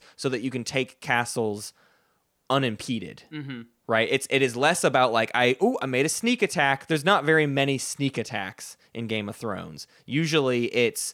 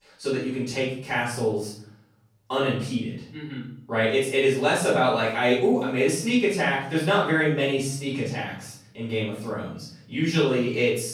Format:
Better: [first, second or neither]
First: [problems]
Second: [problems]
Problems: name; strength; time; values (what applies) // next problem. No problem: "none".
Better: first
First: none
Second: room echo; noticeable; dies away in 0.6 s // off-mic speech; far